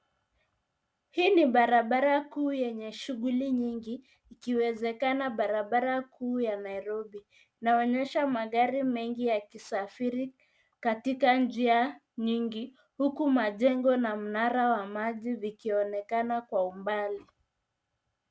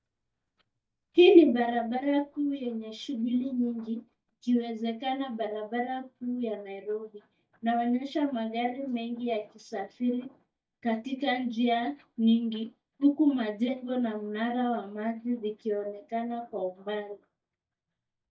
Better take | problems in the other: first | noise reduction (neural mask model DeepFilterNet 3)

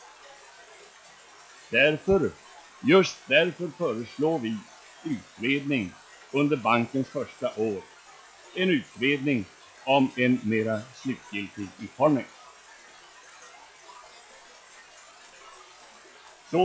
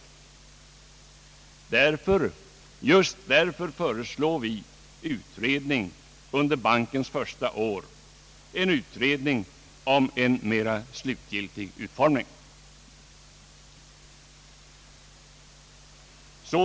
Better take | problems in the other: second | noise reduction (classical method log-MMSE)

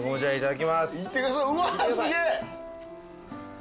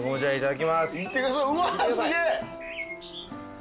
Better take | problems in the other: first | background sound (Bird); 16 dB below the speech

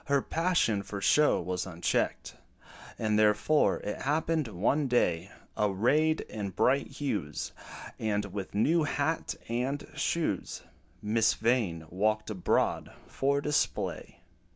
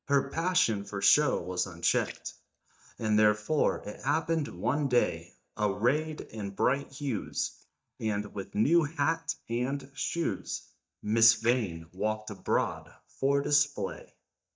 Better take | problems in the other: first | noise reduction (neural mask model DeepFilterNet 3)

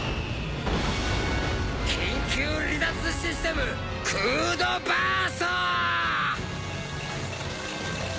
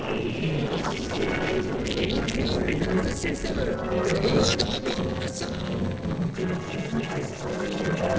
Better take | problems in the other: first | noise reduction (neural separator model SepFormer DNS4)

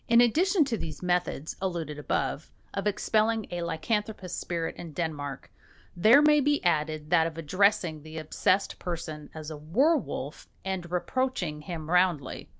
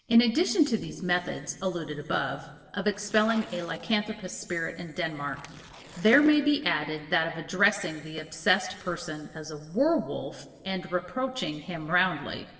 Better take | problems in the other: first | noise reduction (neural separator model SepFormer DNS4)

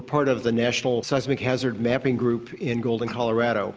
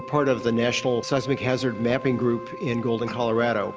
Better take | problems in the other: first | background sound (Wind instrument, woodwind instrument); 14 dB below the speech

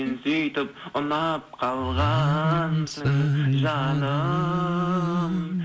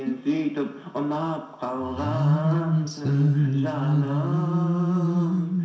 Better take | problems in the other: first | room echo; dies away in 0.7 s

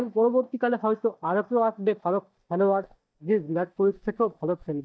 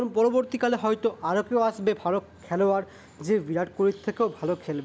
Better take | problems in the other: second | noise reduction (neural mask model DeepFilterNet 3)

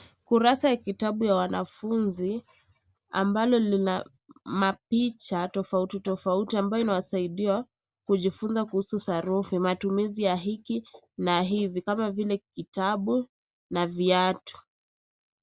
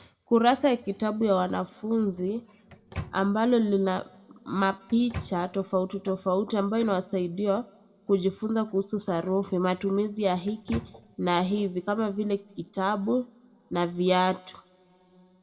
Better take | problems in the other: first | background sound (Microwave oven); 13 dB below the speech // room echo; dies away in 1.5 s

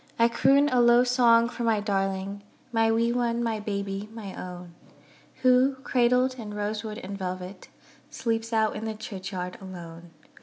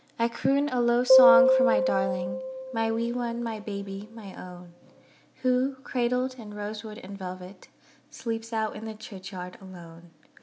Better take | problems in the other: first | background sound (Piano); 4 dB above the speech

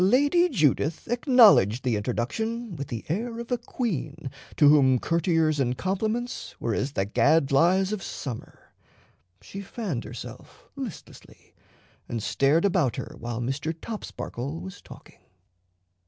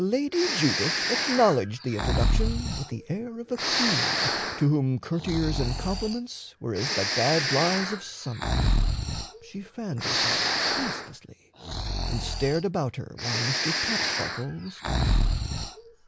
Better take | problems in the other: first | background sound (Breathing); 1 dB above the speech

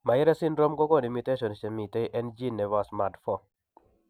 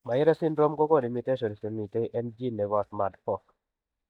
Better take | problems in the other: first | noise reduction (neural mask model DeepFilterNet 3)

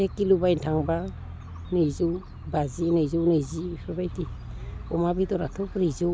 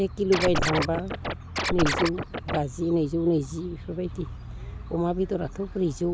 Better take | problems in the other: first | background sound (Scratching (performance technique)); 1 dB below the speech

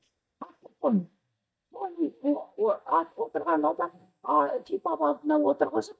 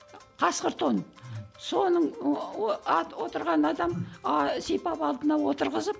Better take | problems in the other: second | noise reduction (neural mask model DeepFilterNet 3)

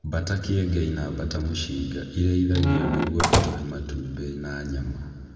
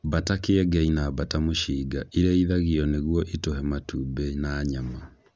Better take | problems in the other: second | background sound (Squeak / Slam / Wood); 1 dB above the speech // room echo; dies away in 2.1 s

